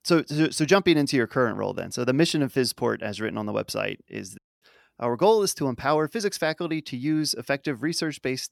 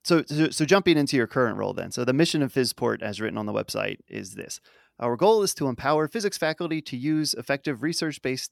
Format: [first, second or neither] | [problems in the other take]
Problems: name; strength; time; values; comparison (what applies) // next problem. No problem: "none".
second | audio cutting out; at 4.5 s